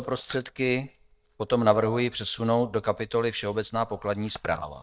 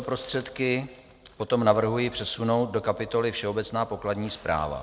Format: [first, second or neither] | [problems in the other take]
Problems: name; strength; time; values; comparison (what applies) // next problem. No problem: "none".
second | noise reduction (neural mask model DeepFilterNet 3)